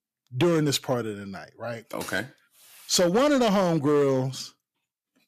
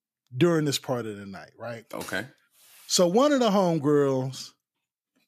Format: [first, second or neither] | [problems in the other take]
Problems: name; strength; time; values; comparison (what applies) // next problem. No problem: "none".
second | distortion; slight; 6% of the sound clipped